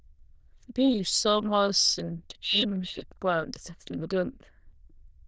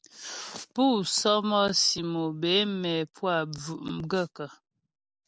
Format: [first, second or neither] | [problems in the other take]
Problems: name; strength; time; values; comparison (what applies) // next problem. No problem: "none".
second | noise reduction (neural diffusion model UNIVERSE++)